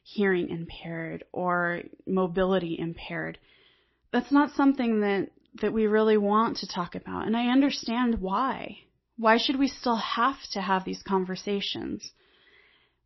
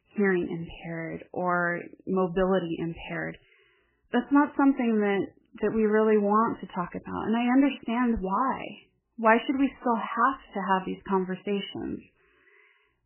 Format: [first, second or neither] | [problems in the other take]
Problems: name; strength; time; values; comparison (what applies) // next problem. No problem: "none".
first | garbled, watery; badly; nothing above 3 kHz; slightly in the first